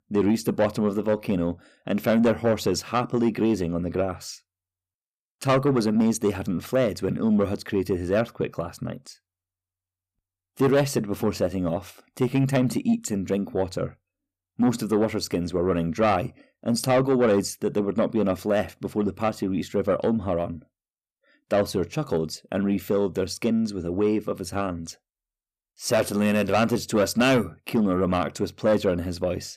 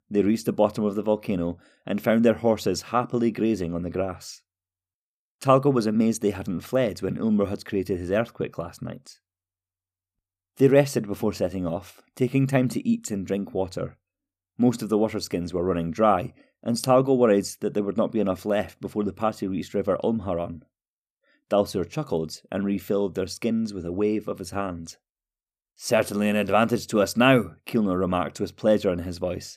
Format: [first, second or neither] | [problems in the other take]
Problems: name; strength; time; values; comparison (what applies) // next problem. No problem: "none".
second | distortion; slight; 10 dB below the speech